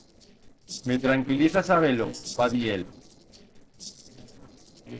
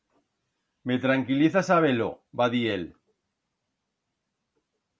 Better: second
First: noise reduction (neural separator model SepFormer DNS4)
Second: none

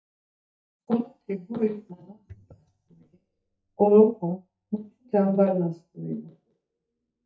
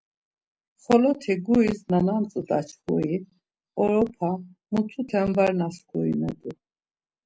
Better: second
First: noise reduction (neural mask model DeepFilterNet 3)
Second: none

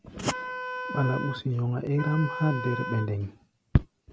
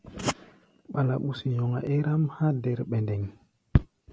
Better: second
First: background sound (Wind instrument, woodwind instrument); 8 dB below the speech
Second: none

